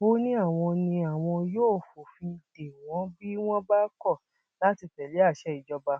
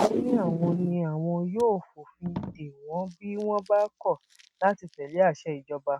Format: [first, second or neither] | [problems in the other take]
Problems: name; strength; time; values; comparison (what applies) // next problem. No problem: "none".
first | noise reduction (neural mask model RNNoise)